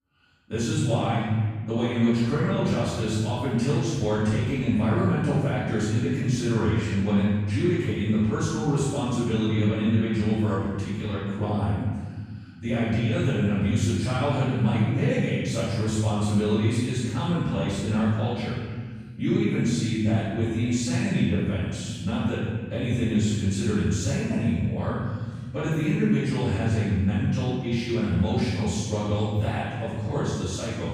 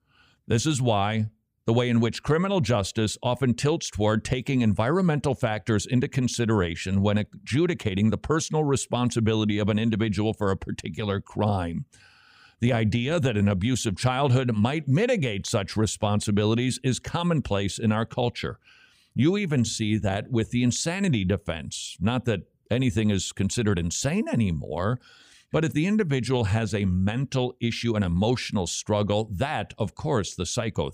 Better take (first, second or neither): second